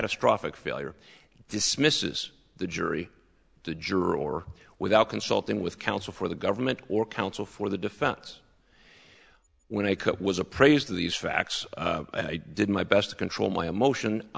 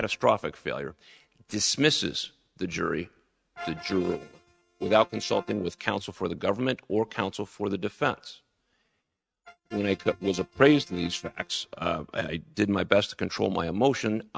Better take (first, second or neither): first